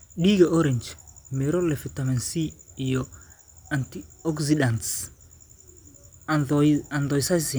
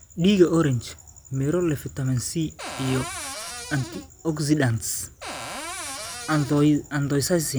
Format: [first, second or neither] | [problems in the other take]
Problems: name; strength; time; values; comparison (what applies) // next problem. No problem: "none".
first | background sound (Cupboard open or close); 11 dB below the speech